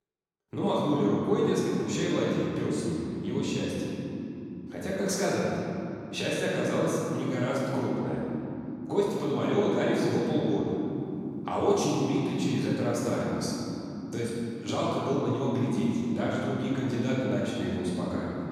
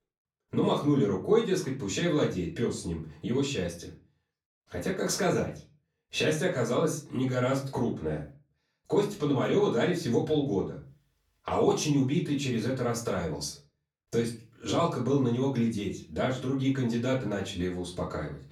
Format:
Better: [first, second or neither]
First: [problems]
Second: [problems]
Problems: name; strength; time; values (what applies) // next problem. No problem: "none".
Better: second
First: room echo; strong; dies away in 3 s // off-mic speech; far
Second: room echo; slight; dies away in 0.3 s // off-mic speech; far